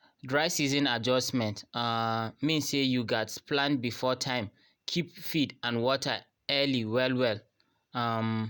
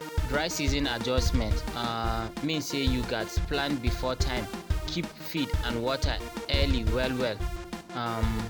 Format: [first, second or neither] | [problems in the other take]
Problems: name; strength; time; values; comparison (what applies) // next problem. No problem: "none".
first | background sound (Drum kit); 1 dB above the speech